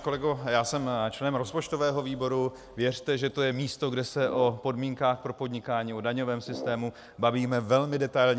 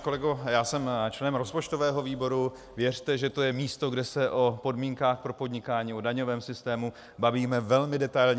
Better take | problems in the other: second | background sound (Brass instrument); 14 dB below the speech

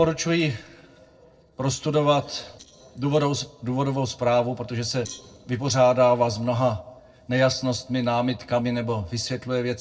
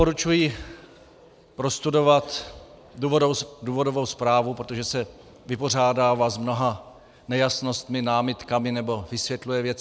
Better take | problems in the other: second | noise reduction (neural separator model SepFormer DNS4)

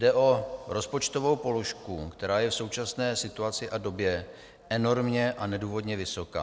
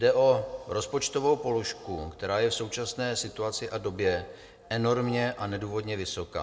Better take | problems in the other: first | background sound (Wind instrument, woodwind instrument); 18 dB below the speech // room echo; dies away in 0.3 s

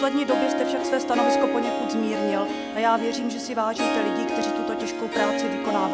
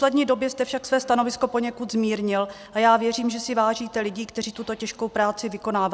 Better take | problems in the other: second | background sound (Harp); 1 dB above the speech

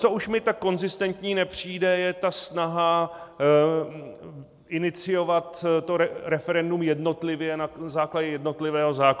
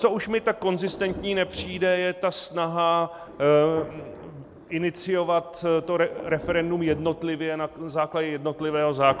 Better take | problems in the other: first | background sound (Thunder); 18 dB below the speech

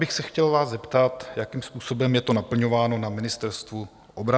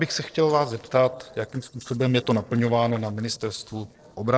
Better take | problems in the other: first | noise reduction (neural separator model SepFormer DNS4)

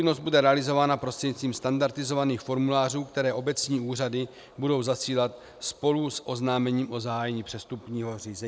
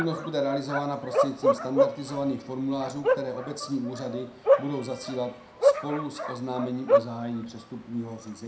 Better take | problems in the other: first | background sound (Bark); 3 dB above the speech // room echo; dies away in 0.4 s

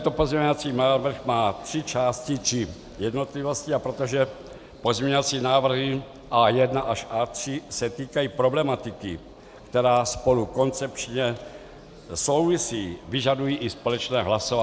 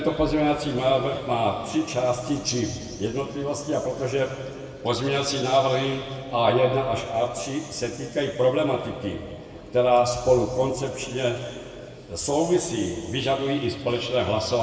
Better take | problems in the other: first | room echo; dies away in 2.2 s

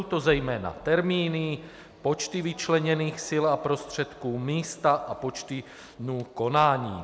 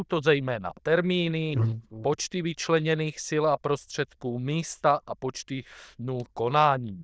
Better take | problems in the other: first | noise reduction (neural diffusion model UNIVERSE++)

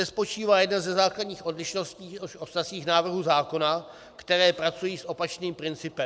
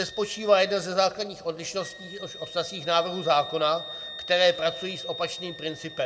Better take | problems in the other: first | background sound (Wind instrument, woodwind instrument); 14 dB below the speech // room echo; dies away in 1.2 s

